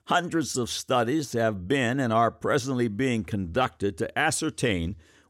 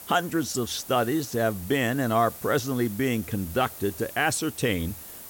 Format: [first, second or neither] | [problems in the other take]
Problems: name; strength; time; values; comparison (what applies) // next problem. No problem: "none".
first | hiss; noticeable; throughout; 15 dB below the speech